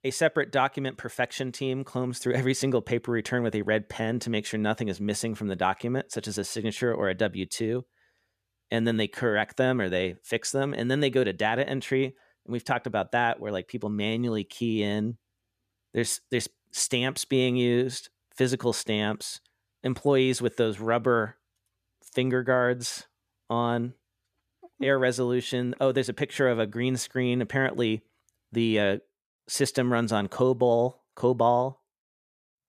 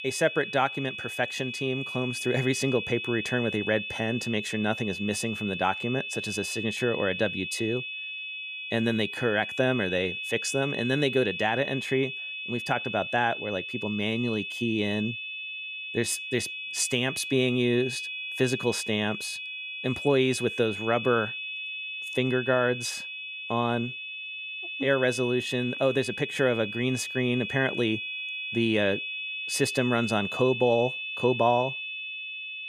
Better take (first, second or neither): first